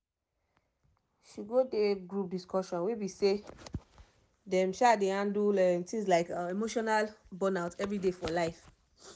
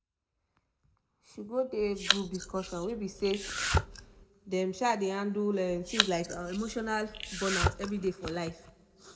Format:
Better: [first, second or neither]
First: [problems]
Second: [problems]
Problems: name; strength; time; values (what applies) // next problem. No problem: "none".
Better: first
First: none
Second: background sound (Domestic sounds, home sounds); 1 dB below the speech // room echo; dies away in 1 s